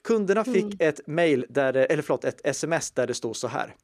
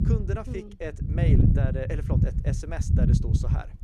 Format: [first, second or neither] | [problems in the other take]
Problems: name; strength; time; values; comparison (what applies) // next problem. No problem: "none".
first | wind noise on the microphone; heavy; as loud as the speech